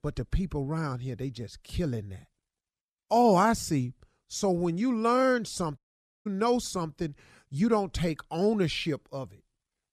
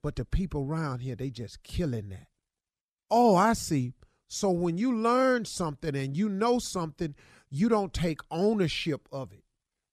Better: second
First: audio cutting out; at 6 s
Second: none

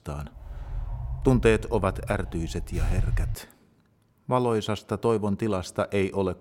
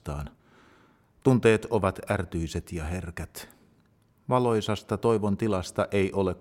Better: second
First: door banging; noticeable; until 3.5 s; peak 2 dB below the speech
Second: none

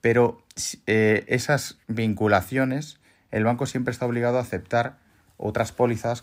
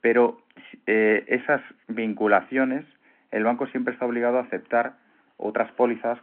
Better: first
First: none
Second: phone-call audio

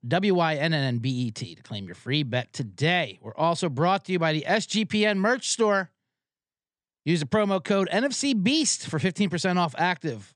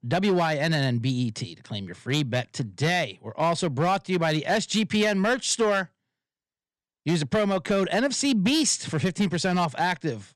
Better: first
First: none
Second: distortion; slight; 6% of the sound clipped

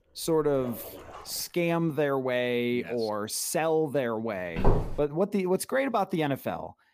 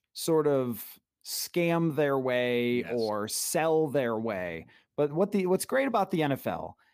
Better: second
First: dog barking; faint; until 1.5 s; peak 15 dB below the speech // footsteps; loud; at 4.5 s; peak 1 dB above the speech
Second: none

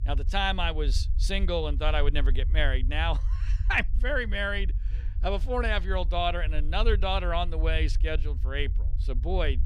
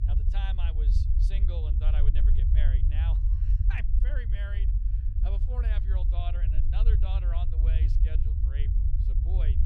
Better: first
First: low rumble; faint; throughout; 20 dB below the speech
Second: low rumble; loud; throughout; 2 dB below the speech

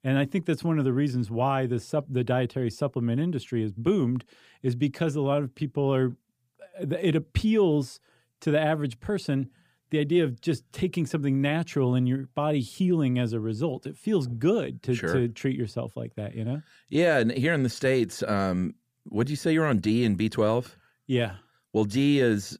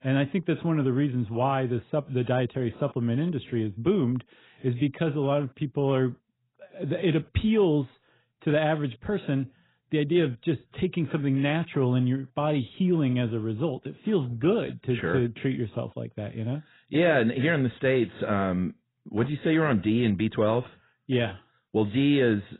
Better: first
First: none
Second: garbled, watery; badly; nothing above 4 kHz

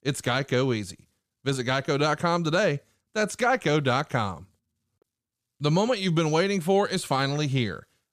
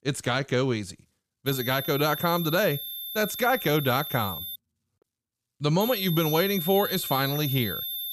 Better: first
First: none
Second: high-pitched whine; loud; from 1.5 to 4.5 s and from 6 s on; 11.5 kHz, 6 dB below the speech

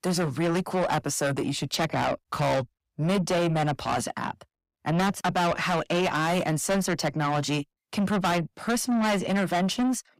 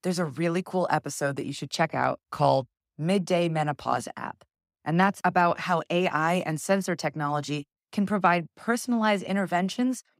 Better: second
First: distortion; heavy; 6 dB below the speech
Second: none

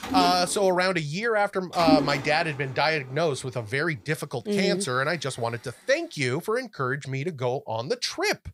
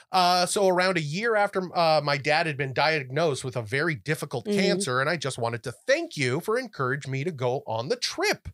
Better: second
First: machinery noise; loud; until 6 s; 3 dB below the speech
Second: none

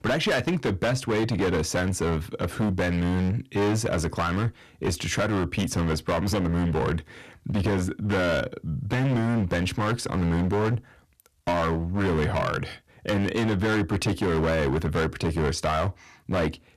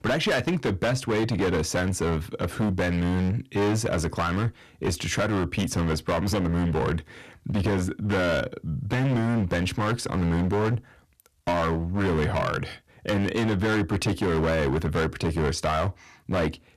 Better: neither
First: distortion; heavy; 19% of the sound clipped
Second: distortion; heavy; 19% of the sound clipped

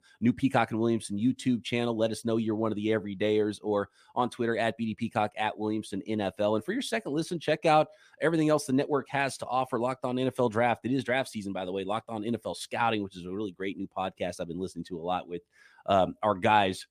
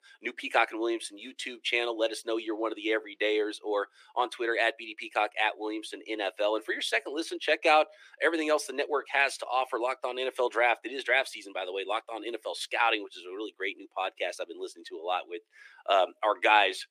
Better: first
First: none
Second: thin; very; fading below 350 Hz

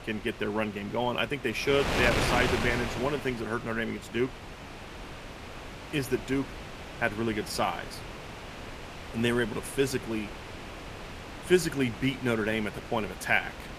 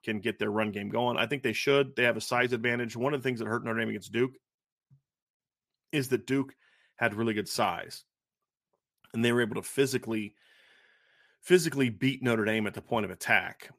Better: second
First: wind noise on the microphone; heavy; 7 dB below the speech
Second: none

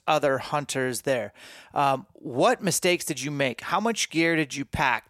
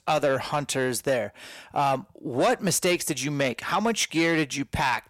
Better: first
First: none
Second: distortion; slight; 10 dB below the speech

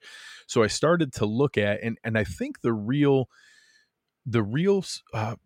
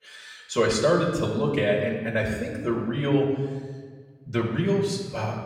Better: first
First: none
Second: off-mic speech; far // room echo; noticeable; dies away in 1.2 s

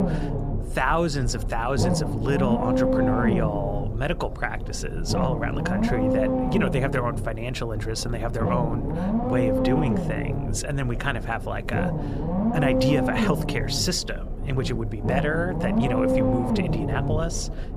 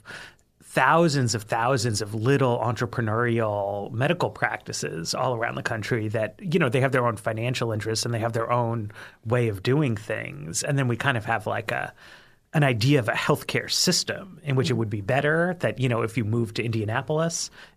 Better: second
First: low rumble; loud; throughout; as loud as the speech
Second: none

